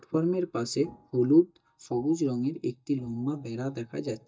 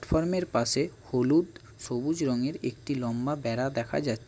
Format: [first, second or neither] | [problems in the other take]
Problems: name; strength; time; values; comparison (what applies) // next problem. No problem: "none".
second | noise reduction (neural mask model DeepFilterNet 3)